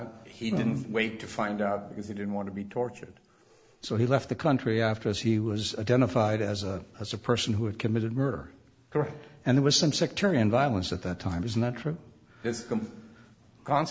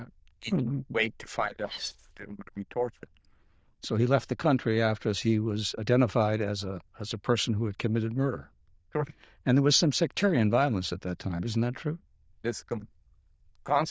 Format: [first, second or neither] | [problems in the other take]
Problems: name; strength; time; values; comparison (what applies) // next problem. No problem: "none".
first | noise reduction (neural diffusion model UNIVERSE++)